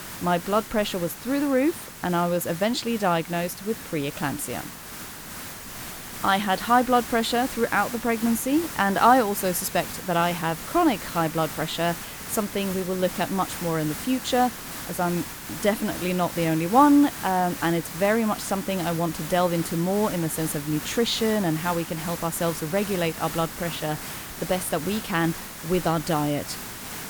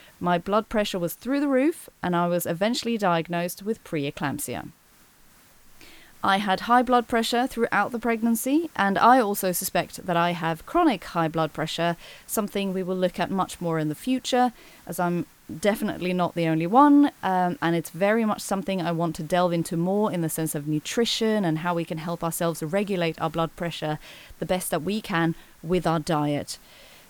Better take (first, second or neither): second